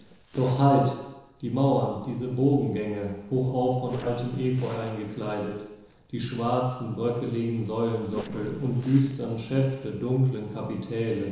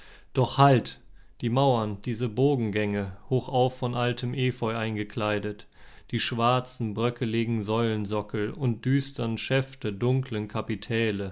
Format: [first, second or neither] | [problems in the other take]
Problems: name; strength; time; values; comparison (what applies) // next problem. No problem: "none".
second | noise reduction (neural separator model SepFormer DNS4)